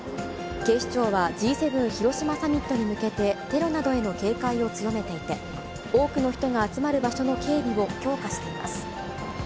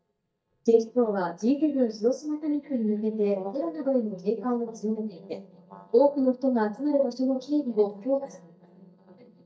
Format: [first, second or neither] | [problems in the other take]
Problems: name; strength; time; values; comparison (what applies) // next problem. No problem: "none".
first | noise reduction (neural mask model DeepFilterNet 3)